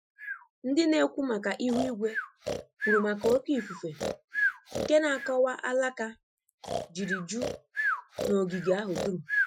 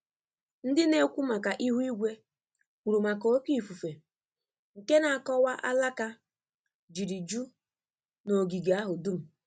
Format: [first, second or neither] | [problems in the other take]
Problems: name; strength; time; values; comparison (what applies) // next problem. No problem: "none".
second | noise reduction (classical method Wiener filter)